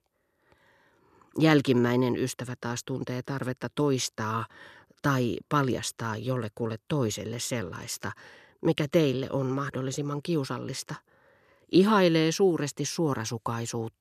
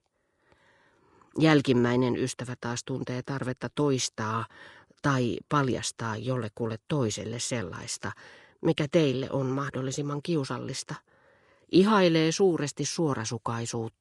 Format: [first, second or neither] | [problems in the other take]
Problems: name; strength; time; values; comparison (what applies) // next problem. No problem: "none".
first | garbled, watery; slightly; nothing above 10.5 kHz